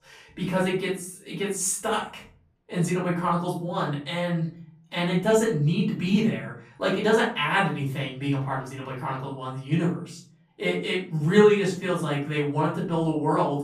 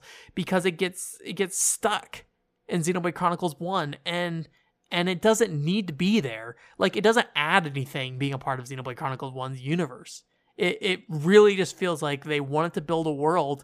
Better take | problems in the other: second | off-mic speech; far // room echo; slight; dies away in 0.5 s

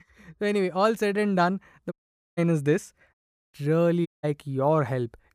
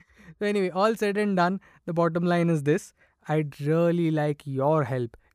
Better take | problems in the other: second | audio cutting out; at 2 s, at 3 s and at 4 s

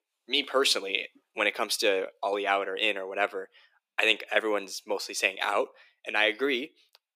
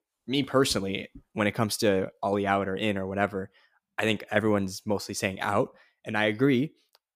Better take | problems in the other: second | thin; somewhat; fading below 350 Hz

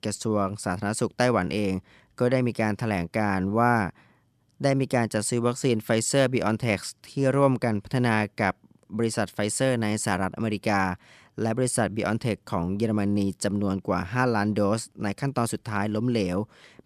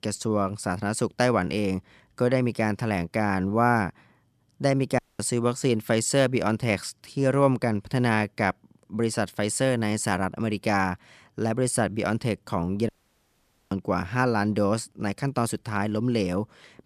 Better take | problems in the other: first | audio cutting out; at 5 s and at 13 s for 1 s

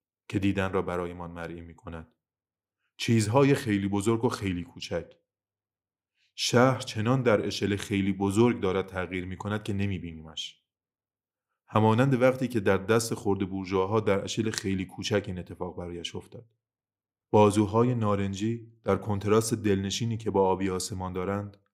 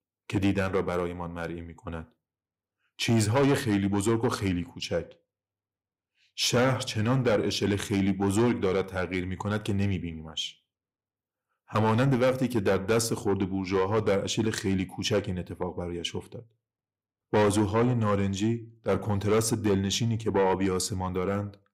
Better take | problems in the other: first | distortion; heavy; 8 dB below the speech

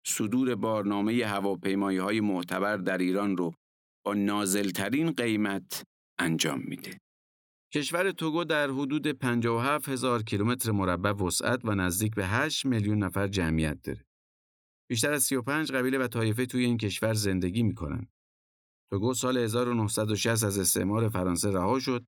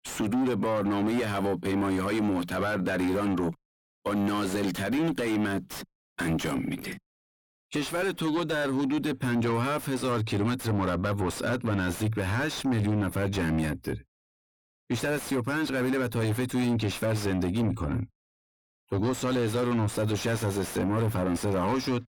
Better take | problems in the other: first | distortion; heavy; 6 dB below the speech

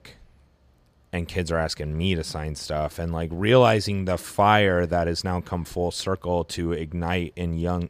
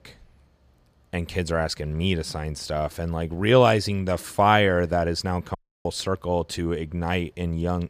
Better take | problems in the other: first | audio cutting out; at 5.5 s

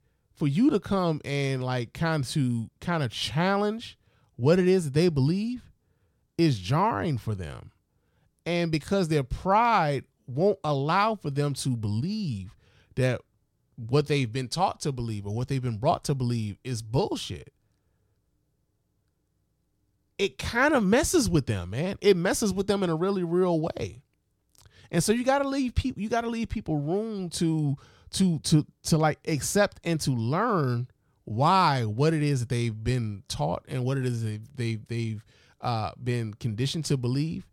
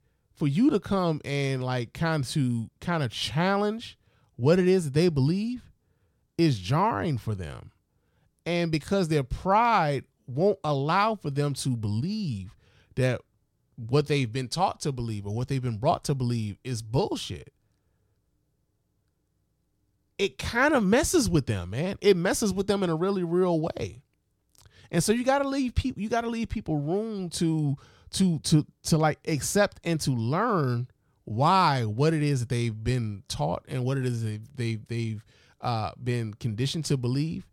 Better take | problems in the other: neither | none

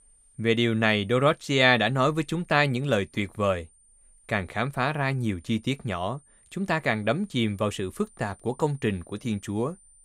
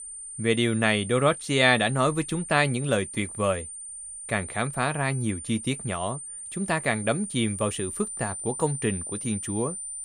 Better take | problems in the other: first | high-pitched whine; loud; throughout; 9 kHz, 9 dB below the speech; faint in the first

